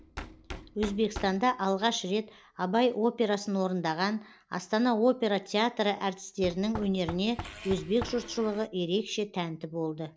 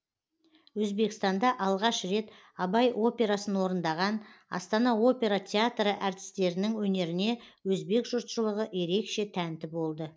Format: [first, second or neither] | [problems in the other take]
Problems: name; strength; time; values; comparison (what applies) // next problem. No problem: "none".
second | background sound (Knock + Fart); 16 dB below the speech